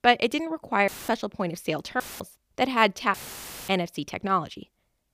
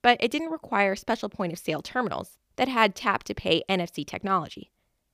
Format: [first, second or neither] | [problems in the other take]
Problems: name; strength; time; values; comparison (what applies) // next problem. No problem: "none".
second | audio cutting out; filled with static; at 1 s, at 2 s and at 3 s for 0.5 s